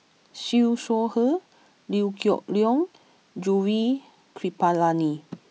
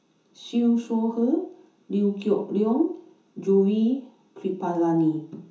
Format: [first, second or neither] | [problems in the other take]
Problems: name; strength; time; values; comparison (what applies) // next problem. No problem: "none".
first | room echo; dies away in 0.6 s